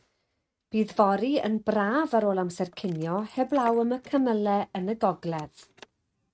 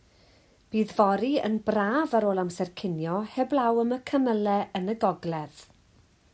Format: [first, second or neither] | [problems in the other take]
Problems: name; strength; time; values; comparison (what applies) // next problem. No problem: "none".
second | noise reduction (neural mask model RNNoise)